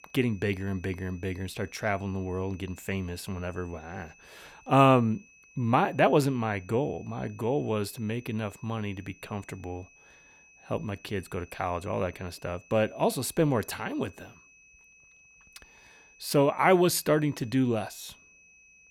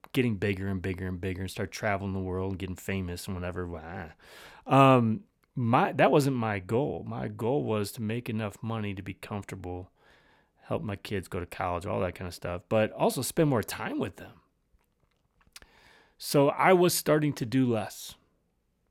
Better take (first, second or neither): second